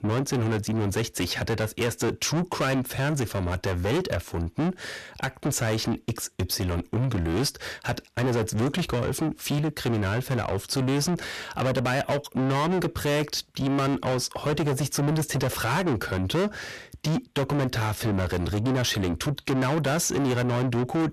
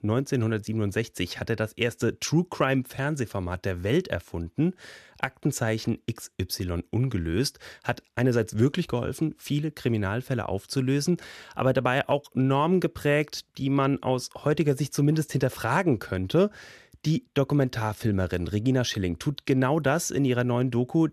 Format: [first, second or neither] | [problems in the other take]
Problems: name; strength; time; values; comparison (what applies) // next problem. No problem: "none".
second | distortion; heavy; 5 dB below the speech